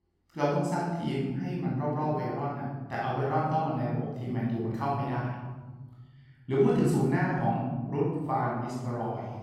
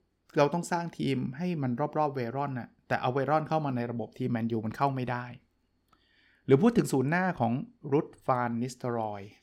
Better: second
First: off-mic speech; far // room echo; strong; dies away in 1.6 s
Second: none

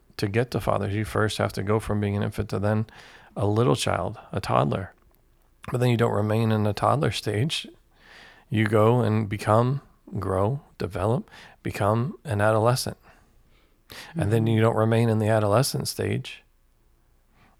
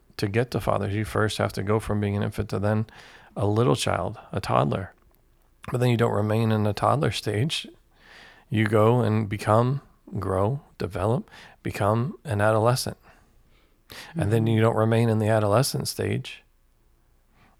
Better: neither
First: none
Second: none

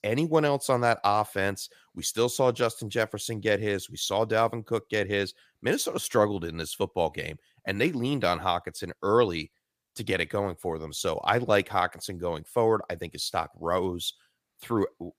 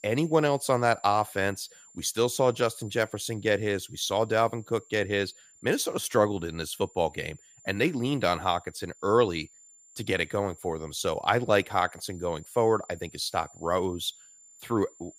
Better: first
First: none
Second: high-pitched whine; faint; throughout; 7 kHz, 25 dB below the speech

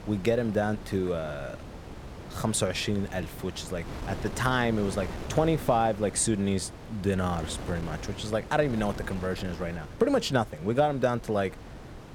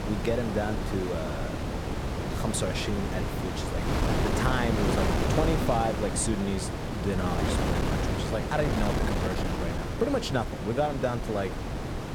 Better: first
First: wind noise on the microphone; occasional gusts; 15 dB below the speech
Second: wind noise on the microphone; heavy; 1 dB below the speech

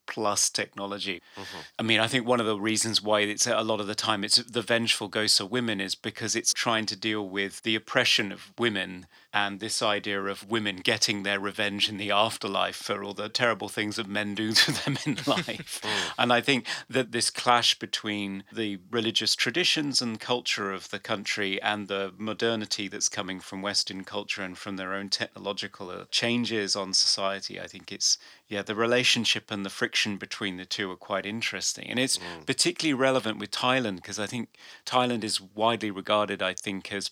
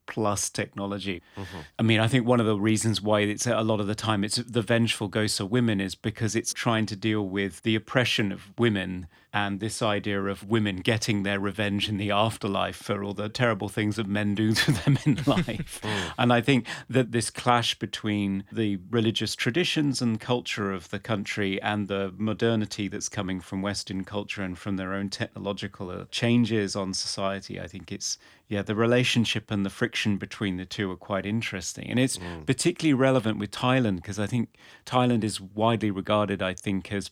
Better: second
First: thin; very slightly; fading below 1 kHz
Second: none

